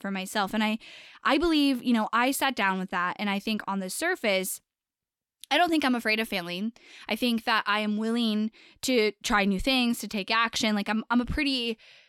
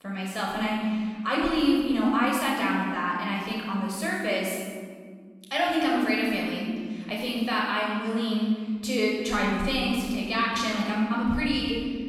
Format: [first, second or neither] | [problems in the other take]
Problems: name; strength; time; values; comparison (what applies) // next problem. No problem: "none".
first | off-mic speech; far // room echo; strong; dies away in 1.7 s